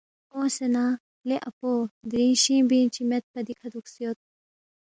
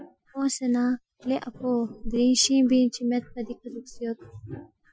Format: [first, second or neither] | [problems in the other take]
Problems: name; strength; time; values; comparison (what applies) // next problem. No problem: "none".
first | noise reduction (classical method Wiener filter)